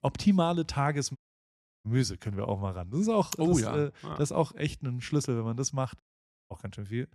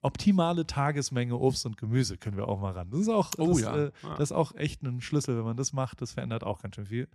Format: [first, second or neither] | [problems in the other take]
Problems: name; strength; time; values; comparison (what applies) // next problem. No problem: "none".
second | audio cutting out; at 1 s for 0.5 s and at 6 s for 0.5 s